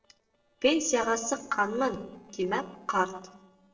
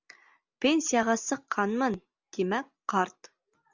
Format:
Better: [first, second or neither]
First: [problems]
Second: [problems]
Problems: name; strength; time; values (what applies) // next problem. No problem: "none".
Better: second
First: noise reduction (neural separator model SepFormer DNS4)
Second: none